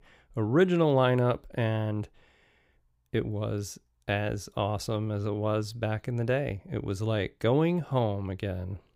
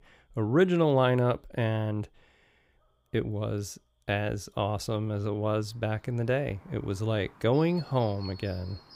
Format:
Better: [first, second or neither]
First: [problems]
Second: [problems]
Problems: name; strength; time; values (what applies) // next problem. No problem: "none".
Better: first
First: none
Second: animal sounds; faint; throughout; 25 dB below the speech